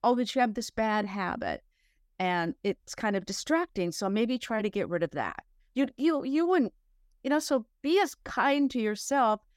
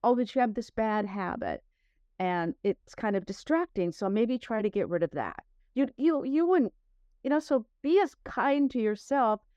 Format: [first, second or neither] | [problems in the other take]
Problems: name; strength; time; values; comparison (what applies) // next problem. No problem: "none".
first | muffled; slightly; fading above 1.5 kHz